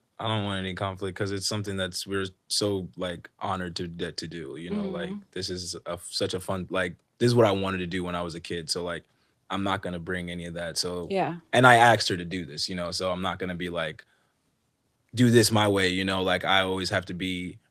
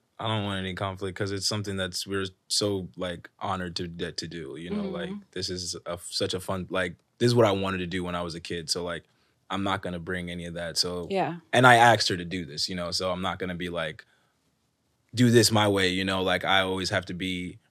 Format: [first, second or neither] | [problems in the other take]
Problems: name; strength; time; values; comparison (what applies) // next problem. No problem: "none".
second | garbled, watery; slightly; nothing above 14 kHz